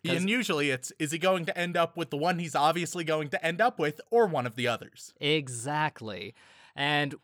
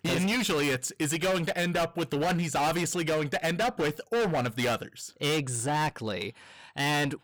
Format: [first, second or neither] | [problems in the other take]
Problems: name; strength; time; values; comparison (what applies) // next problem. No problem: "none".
first | distortion; heavy; 21% of the sound clipped